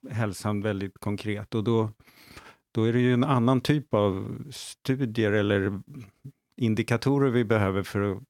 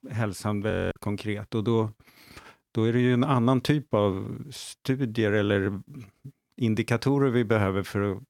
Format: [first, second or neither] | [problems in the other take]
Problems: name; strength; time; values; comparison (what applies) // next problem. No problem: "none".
first | audio freezing; at 0.5 s